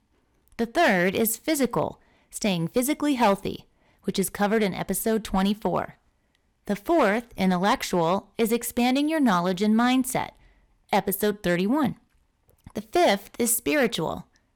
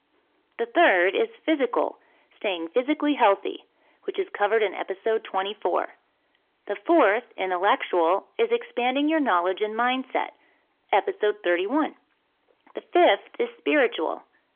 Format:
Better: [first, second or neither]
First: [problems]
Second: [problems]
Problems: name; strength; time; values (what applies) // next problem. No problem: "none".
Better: first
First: none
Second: phone-call audio; nothing above 3.5 kHz